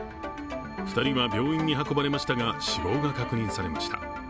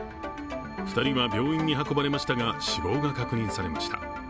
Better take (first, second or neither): second